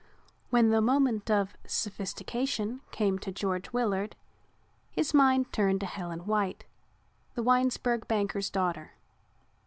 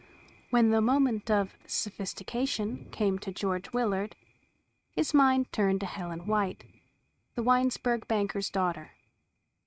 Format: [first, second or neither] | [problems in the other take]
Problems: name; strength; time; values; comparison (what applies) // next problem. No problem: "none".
first | noise reduction (neural mask model RNNoise)